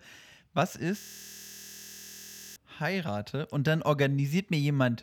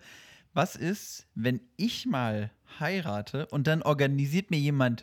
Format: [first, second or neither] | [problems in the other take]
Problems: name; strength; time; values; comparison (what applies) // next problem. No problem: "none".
second | audio freezing; at 1 s for 1.5 s